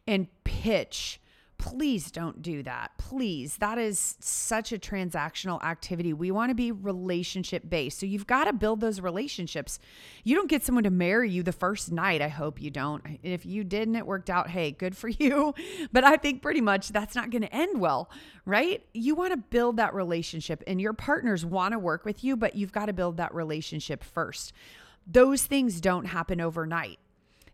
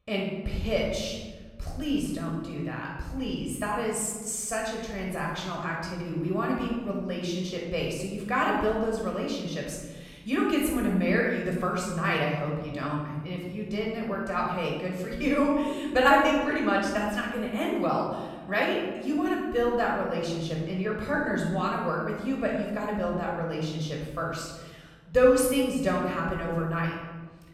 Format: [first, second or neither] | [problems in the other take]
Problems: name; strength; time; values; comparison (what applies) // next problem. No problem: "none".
first | room echo; noticeable; dies away in 1.2 s // off-mic speech; far